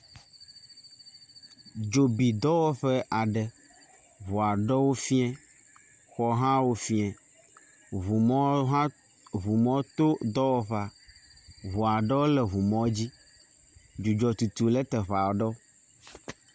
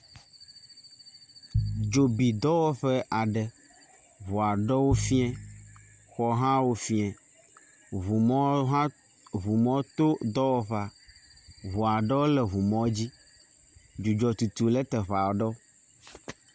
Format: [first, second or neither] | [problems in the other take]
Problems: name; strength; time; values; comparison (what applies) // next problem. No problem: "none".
first | background sound (Piano); 7 dB below the speech